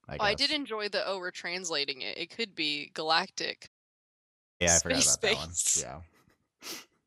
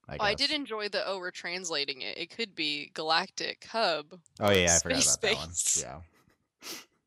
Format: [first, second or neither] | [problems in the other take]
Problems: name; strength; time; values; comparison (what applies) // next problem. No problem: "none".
second | audio cutting out; at 3.5 s for 1 s